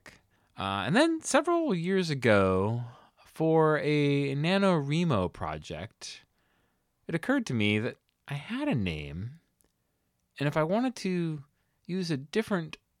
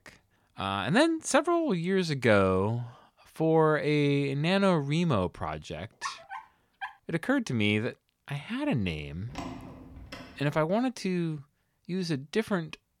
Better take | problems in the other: first | dog barking; faint; at 6 s; peak 10 dB below the speech // door banging; faint; from 9.5 to 10 s; peak 10 dB below the speech

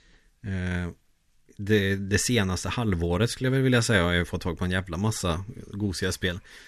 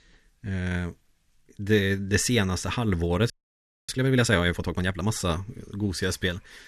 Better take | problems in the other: first | audio freezing; at 3.5 s for 0.5 s

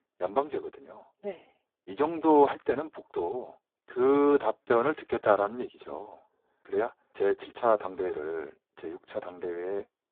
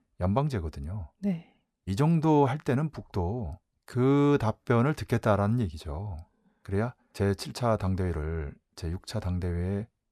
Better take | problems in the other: second | phone-call audio; poor line; nothing above 3.5 kHz

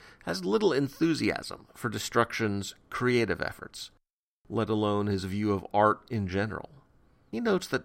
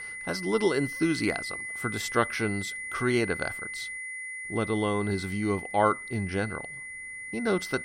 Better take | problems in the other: first | high-pitched whine; loud; throughout; 2 kHz, 7 dB below the speech

